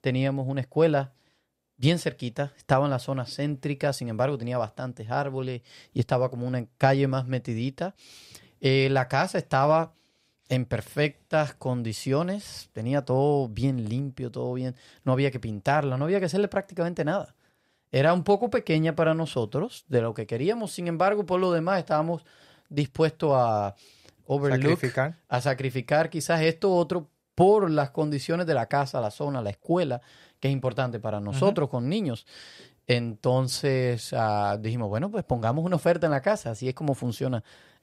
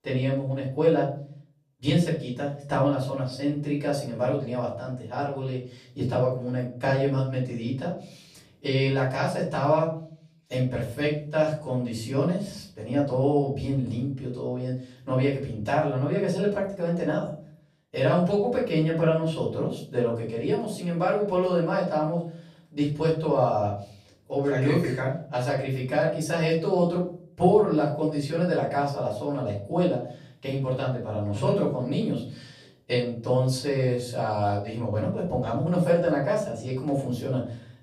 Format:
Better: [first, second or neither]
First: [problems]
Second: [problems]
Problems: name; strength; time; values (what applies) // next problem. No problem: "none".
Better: first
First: none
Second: off-mic speech; far // room echo; slight; dies away in 0.5 s